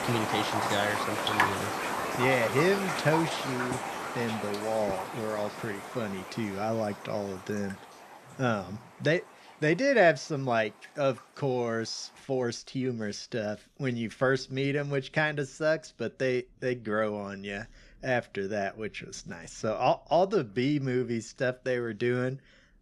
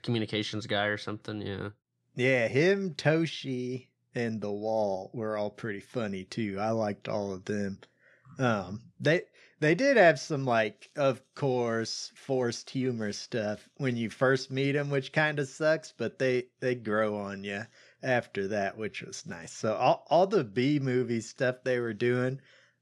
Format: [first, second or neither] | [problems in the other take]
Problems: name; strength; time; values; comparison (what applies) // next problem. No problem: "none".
second | rain or running water; loud; throughout; 3 dB below the speech